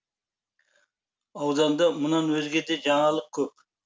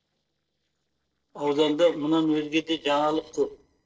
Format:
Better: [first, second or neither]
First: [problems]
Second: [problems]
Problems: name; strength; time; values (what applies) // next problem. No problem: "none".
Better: first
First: none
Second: noise reduction (neural separator model SepFormer DNS4)